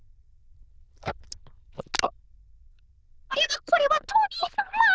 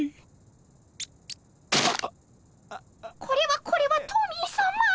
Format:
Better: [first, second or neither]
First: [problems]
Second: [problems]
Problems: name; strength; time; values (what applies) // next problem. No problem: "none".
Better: second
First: noise reduction (neural diffusion model UNIVERSE++)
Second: none